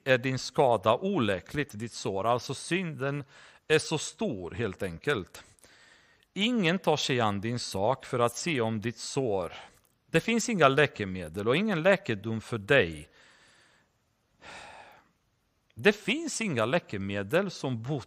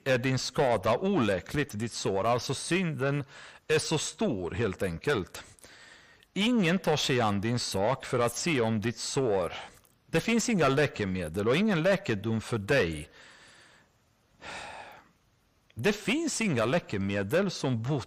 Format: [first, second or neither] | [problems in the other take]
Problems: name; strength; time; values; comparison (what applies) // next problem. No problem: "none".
first | distortion; heavy; 7 dB below the speech